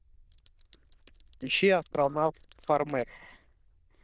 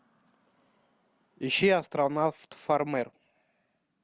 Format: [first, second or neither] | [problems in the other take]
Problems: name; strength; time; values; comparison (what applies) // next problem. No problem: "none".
second | noise reduction (neural diffusion model UNIVERSE++)